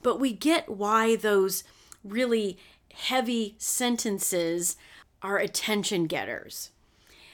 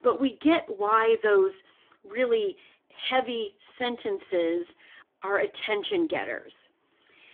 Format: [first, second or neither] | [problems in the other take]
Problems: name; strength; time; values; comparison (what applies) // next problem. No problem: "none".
first | phone-call audio; poor line; nothing above 3.5 kHz